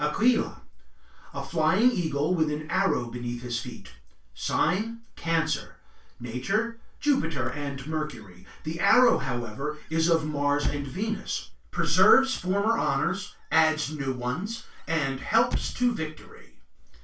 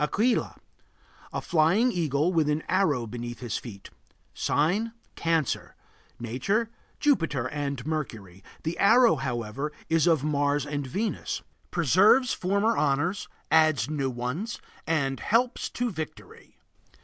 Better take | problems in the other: second | background sound (Squeak / Slam / Wood); 12 dB below the speech // room echo; dies away in 0.3 s

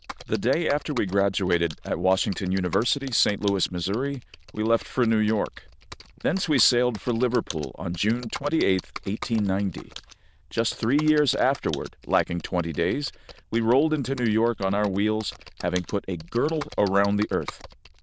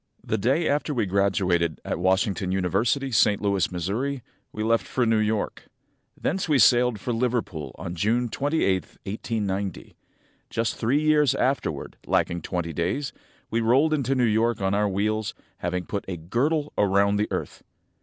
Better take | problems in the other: second | noise reduction (neural diffusion model UNIVERSE++)

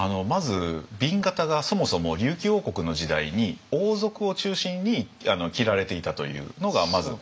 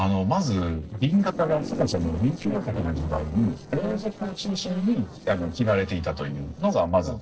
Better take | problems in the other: first | noise reduction (neural separator model SepFormer DNS4)

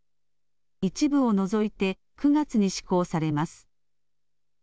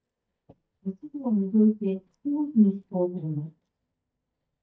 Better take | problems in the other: first | noise reduction (neural mask model DeepFilterNet 3)

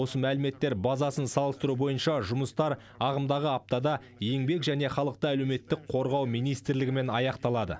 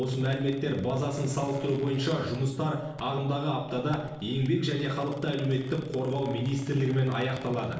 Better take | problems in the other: first | noise reduction (neural separator model SepFormer DNS4)

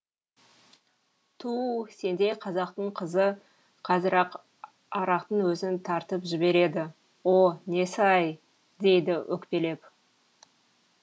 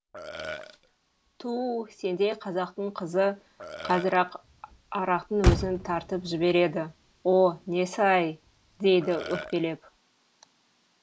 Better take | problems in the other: first | background sound (Motor vehicle (road) + Burping, eructation); 8 dB below the speech

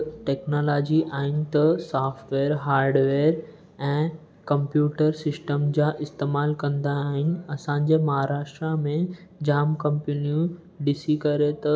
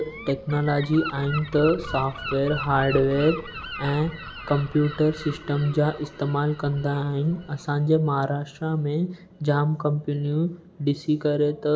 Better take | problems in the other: first | background sound (Gull, seagull); 14 dB below the speech

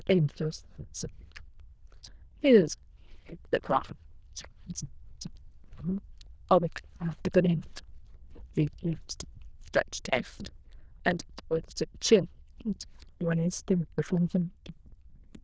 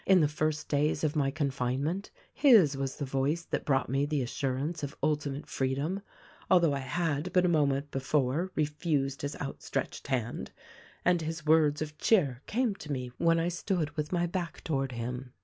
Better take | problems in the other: second | noise reduction (neural diffusion model UNIVERSE++)

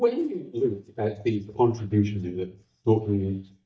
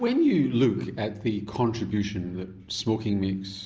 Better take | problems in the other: second | noise reduction (neural mask model DeepFilterNet 3)

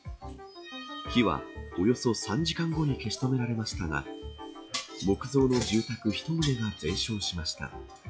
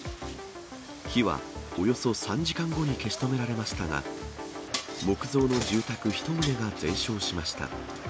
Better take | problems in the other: second | noise reduction (classical method log-MMSE)

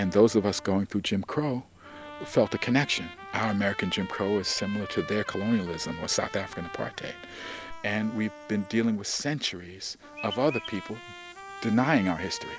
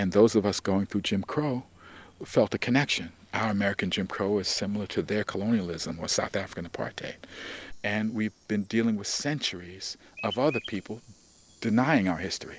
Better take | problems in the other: second | background sound (Trumpet); 15 dB below the speech

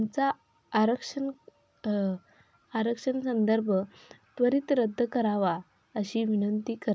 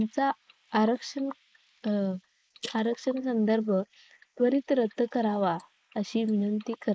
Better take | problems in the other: first | noise reduction (neural mask model Resemble Enhance denoiser)

